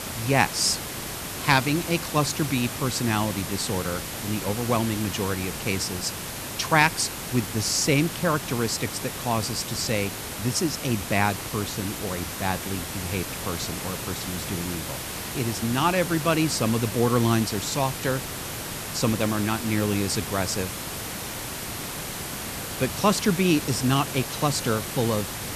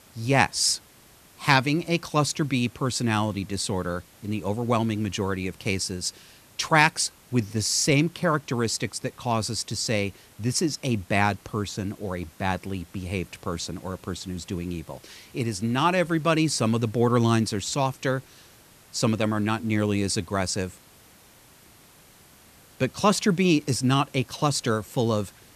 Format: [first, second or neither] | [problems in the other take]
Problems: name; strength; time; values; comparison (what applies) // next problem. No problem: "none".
second | hiss; loud; throughout; 6 dB below the speech; faint in the second